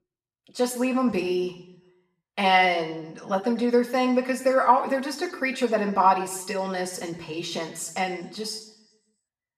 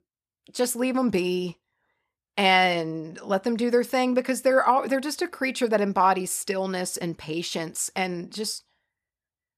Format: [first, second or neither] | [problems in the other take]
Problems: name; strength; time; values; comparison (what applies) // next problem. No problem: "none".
second | room echo; slight; dies away in 0.7 s // off-mic speech; somewhat distant